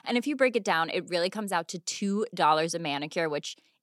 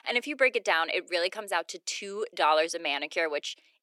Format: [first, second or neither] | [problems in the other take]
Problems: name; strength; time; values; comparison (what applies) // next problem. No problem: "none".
first | thin; somewhat; fading below 350 Hz